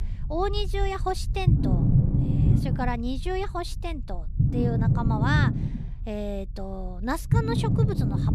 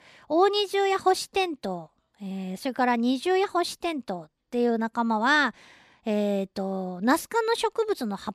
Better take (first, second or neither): second